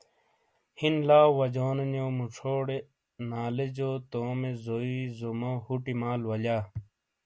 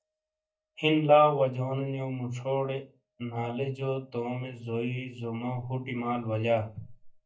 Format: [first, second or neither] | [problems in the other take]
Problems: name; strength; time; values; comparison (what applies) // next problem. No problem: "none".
first | noise reduction (neural mask model DeepFilterNet 3)